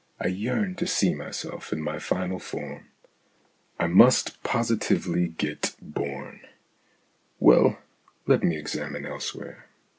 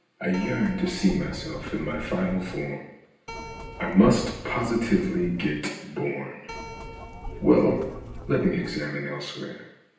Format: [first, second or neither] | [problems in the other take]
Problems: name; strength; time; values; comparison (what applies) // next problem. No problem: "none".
first | background sound (Keyboard (musical)); 12 dB below the speech // room echo; dies away in 0.9 s